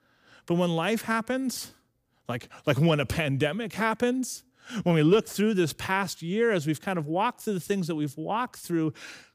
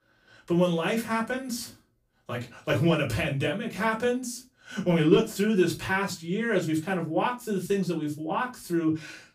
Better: first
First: none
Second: off-mic speech; far // room echo; very slight; dies away in 0.2 s

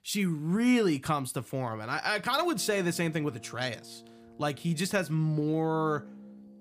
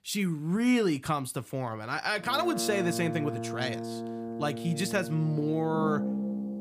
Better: first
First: background music; faint; from 2.5 s on; 20 dB below the speech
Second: background music; loud; from 2.5 s on; 6 dB below the speech

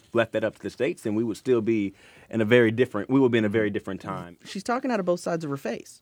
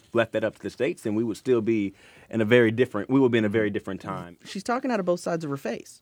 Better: neither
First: none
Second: none

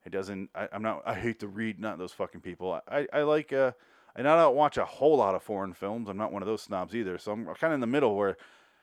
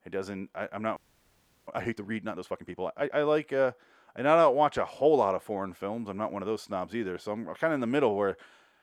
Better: first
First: none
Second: audio freezing; at 1 s for 0.5 s

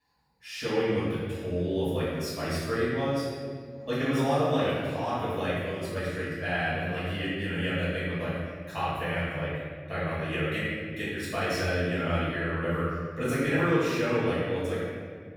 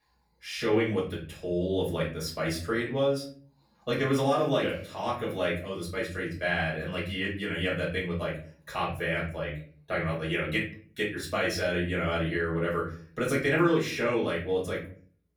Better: second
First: room echo; strong; dies away in 1.9 s // off-mic speech; far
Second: room echo; slight; dies away in 0.4 s // off-mic speech; far

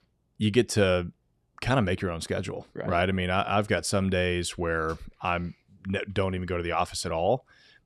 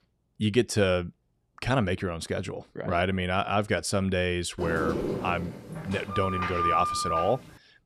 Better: first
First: none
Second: door banging; loud; from 4.5 to 7.5 s; peak 2 dB above the speech

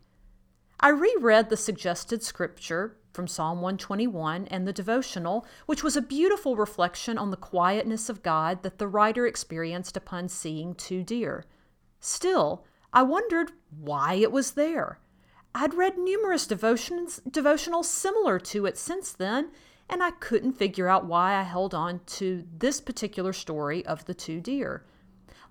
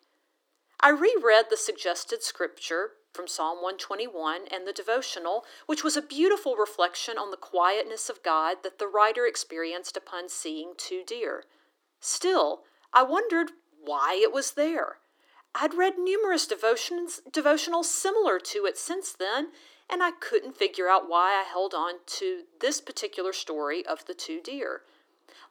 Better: first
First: none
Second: thin; somewhat; fading below 300 Hz

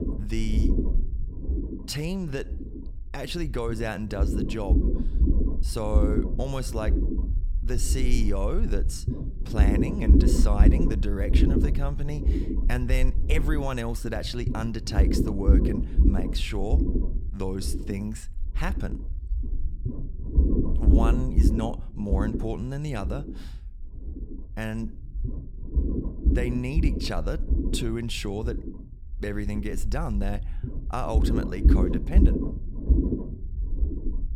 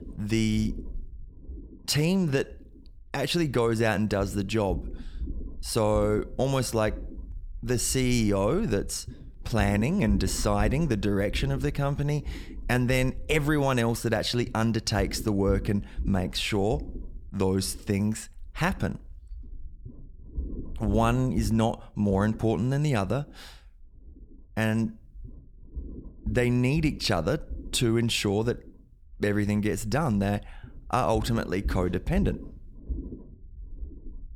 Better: second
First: low rumble; loud; throughout; 2 dB below the speech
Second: low rumble; faint; throughout; 20 dB below the speech

